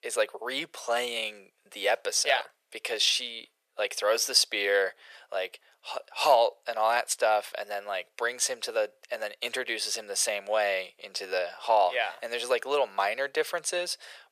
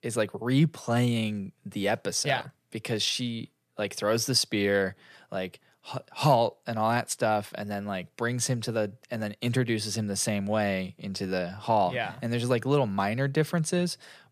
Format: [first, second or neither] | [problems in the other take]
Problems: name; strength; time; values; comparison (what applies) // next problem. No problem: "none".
second | thin; very; fading below 500 Hz